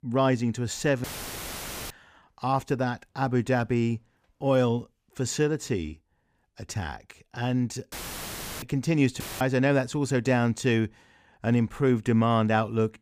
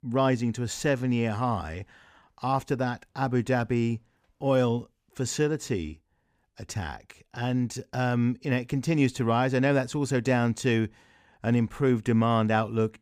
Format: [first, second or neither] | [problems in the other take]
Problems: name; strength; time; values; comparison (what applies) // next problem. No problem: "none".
second | audio cutting out; filled with static; at 1 s for 1 s, at 8 s for 0.5 s and at 9 s